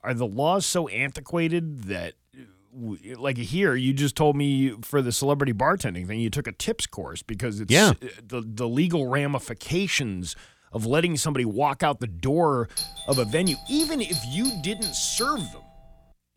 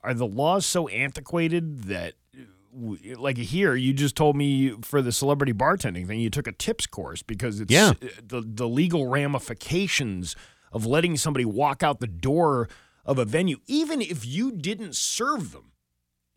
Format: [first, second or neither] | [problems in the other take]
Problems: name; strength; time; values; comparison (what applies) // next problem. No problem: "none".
second | doorbell; noticeable; from 13 s on; peak 3 dB below the speech